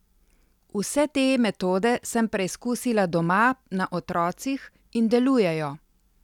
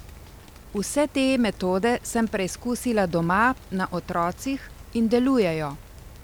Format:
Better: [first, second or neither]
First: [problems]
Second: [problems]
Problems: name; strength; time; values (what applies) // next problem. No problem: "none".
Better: first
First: none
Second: background sound (Rain); 19 dB below the speech